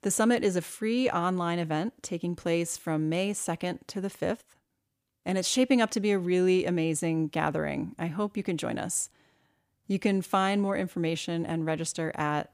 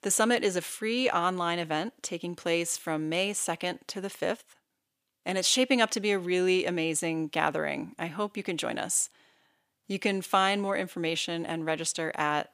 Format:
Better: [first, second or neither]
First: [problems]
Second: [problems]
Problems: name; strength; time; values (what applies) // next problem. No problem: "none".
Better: first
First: none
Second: thin; very slightly; fading below 950 Hz